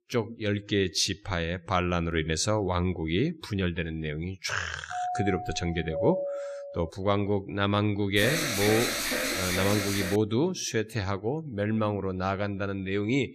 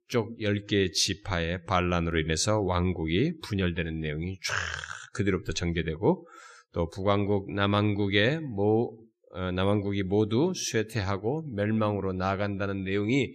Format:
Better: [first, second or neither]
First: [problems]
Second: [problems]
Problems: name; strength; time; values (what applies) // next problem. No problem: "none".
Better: second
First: doorbell; noticeable; from 5 to 7 s; peak 2 dB below the speech // alarm; loud; from 8 to 10 s; peak 2 dB above the speech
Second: none